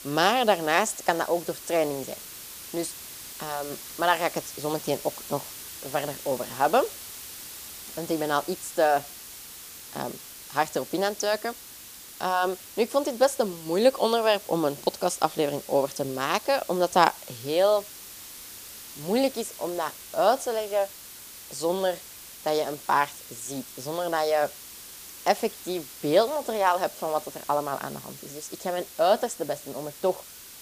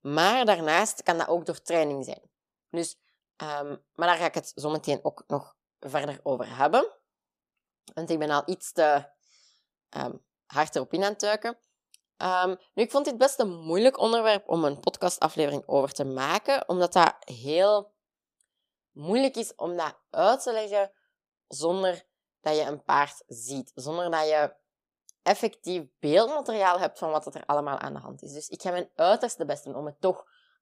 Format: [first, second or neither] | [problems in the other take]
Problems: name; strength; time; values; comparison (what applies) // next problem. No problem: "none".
second | hiss; noticeable; throughout; 15 dB below the speech